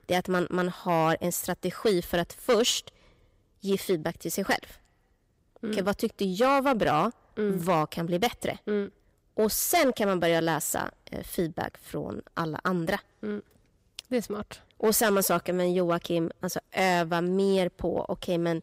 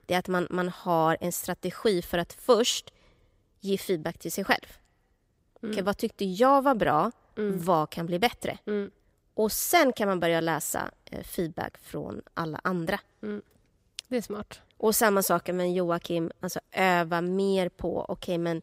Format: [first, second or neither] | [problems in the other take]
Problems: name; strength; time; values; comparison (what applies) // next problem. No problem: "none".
second | distortion; slight; 3% of the sound clipped